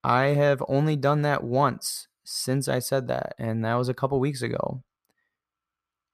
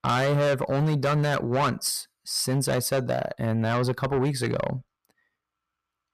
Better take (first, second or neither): first